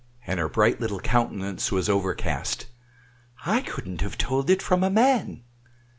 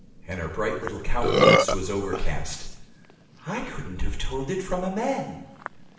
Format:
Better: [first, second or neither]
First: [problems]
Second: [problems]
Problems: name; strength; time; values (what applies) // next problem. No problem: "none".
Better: first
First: none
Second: background sound (Burping, eructation); as loud as the speech // room echo; dies away in 0.8 s